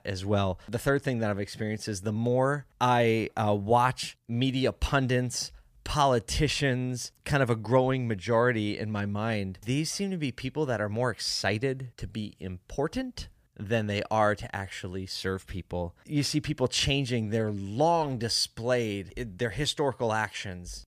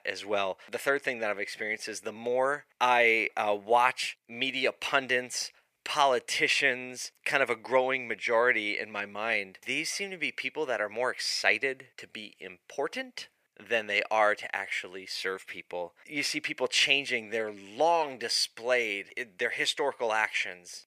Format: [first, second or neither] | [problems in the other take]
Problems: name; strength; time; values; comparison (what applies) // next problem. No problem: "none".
first | thin; very; fading below 500 Hz